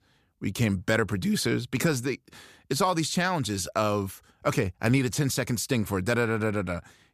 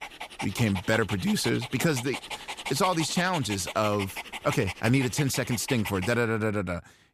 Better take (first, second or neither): first